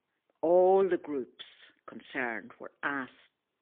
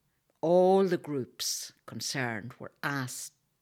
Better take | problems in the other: second | phone-call audio; poor line; nothing above 3.5 kHz

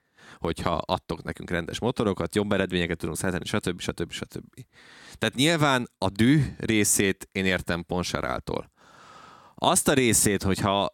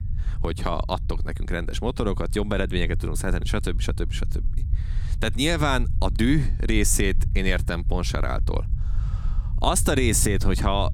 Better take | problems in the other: first | low rumble; noticeable; throughout; 20 dB below the speech

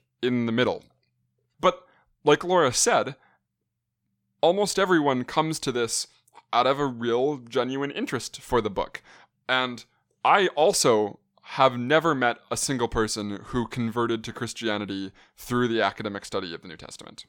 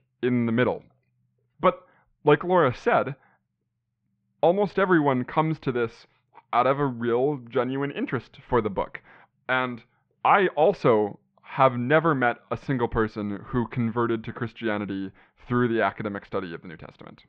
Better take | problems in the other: first | muffled; very; fading above 2.5 kHz

